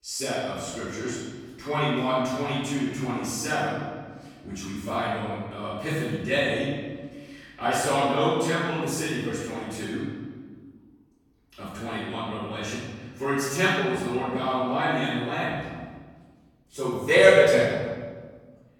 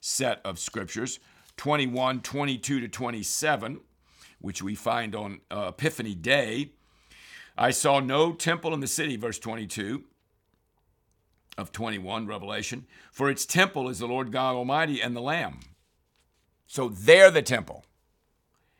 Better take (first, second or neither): second